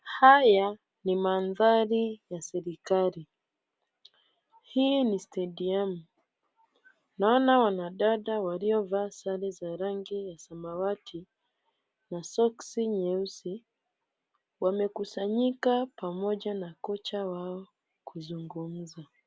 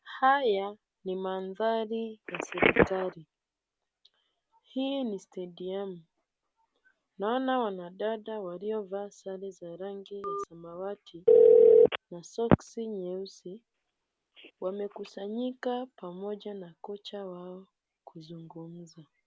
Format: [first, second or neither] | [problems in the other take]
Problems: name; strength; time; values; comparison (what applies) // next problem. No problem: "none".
first | background sound (Telephone); 4 dB above the speech